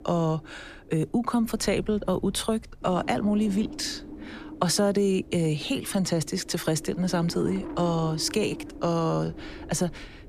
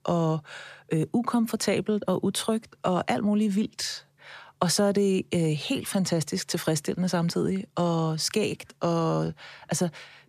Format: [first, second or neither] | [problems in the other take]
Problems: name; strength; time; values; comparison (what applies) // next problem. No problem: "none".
second | wind noise on the microphone; occasional gusts; 15 dB below the speech